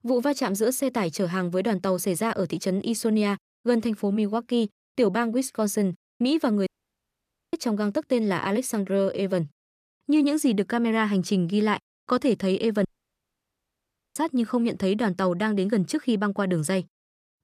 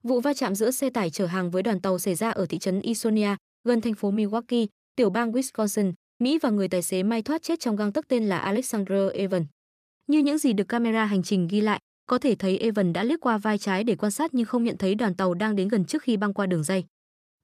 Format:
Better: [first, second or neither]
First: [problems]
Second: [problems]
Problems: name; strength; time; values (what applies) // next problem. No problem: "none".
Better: second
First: audio cutting out; at 6.5 s for 1 s and at 13 s for 1.5 s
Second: none